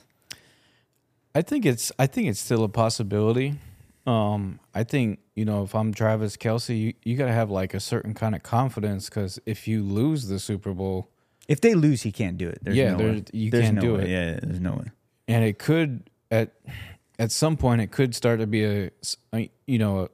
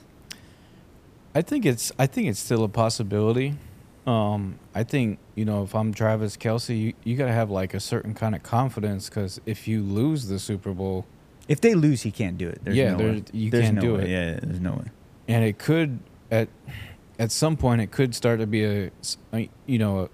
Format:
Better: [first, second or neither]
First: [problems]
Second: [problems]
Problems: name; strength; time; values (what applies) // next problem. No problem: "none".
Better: first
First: none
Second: hiss; faint; throughout; 25 dB below the speech